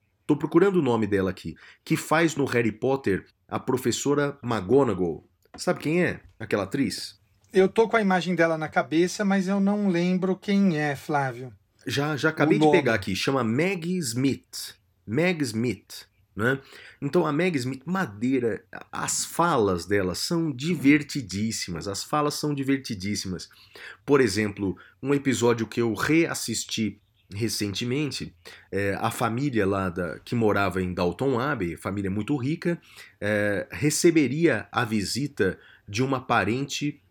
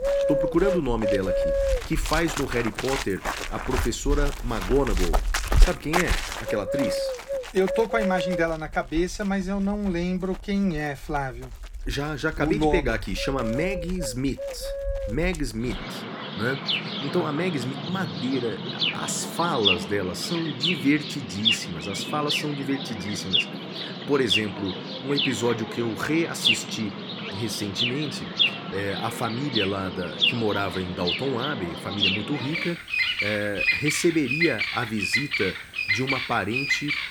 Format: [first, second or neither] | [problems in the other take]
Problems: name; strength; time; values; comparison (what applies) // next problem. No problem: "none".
first | animal sounds; very loud; throughout; 1 dB above the speech